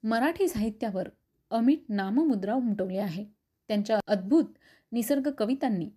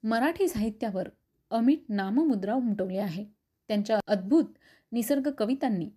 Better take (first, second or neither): neither